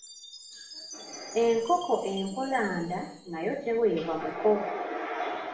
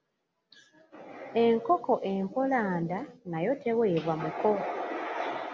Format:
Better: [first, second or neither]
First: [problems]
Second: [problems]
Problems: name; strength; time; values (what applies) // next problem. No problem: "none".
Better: second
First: background sound (Chime); 19 dB below the speech // room echo; dies away in 0.5 s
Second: none